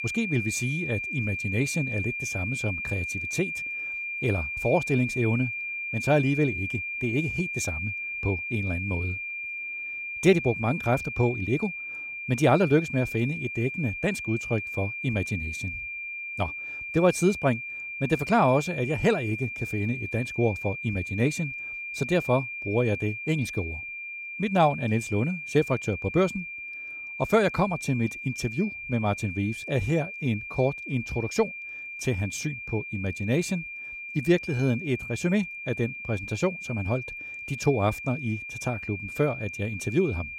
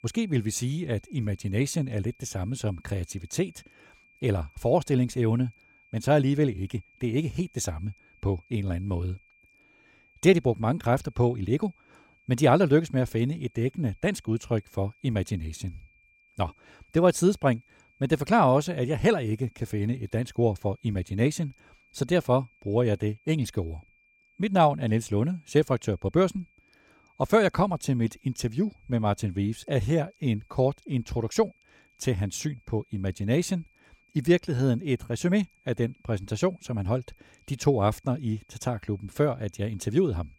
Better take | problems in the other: second | high-pitched whine; loud; throughout; 2.5 kHz, 5 dB below the speech; faint in the second

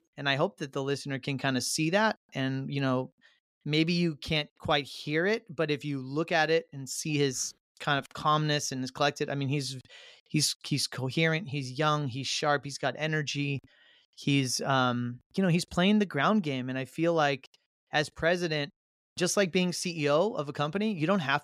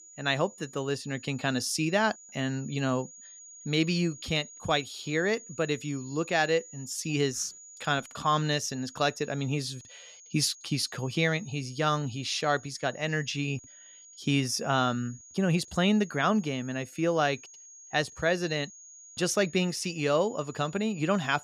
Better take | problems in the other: first | high-pitched whine; noticeable; throughout; 7 kHz, 20 dB below the speech

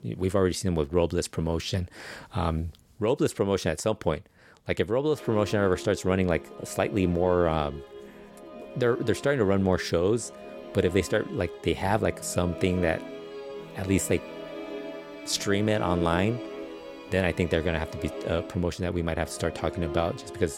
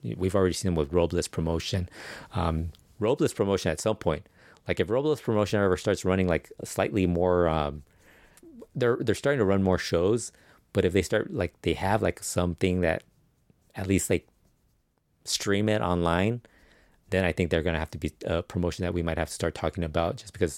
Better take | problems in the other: second | background music; noticeable; throughout; 15 dB below the speech

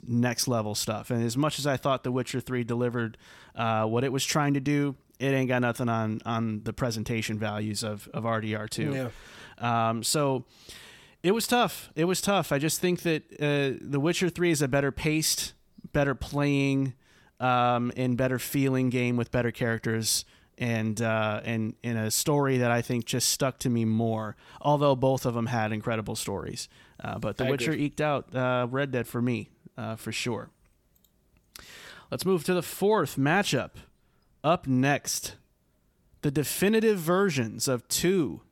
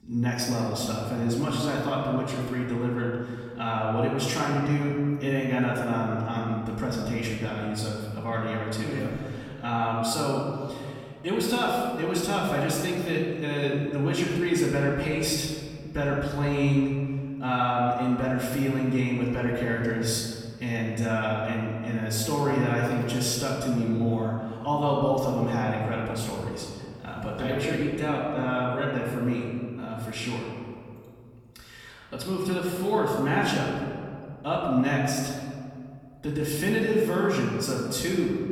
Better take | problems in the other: first | off-mic speech; far // room echo; noticeable; dies away in 2 s

